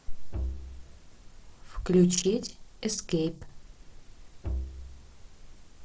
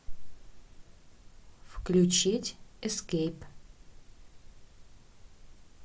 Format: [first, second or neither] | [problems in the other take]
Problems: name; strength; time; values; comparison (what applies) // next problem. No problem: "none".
second | noise reduction (neural separator model SepFormer DNS4)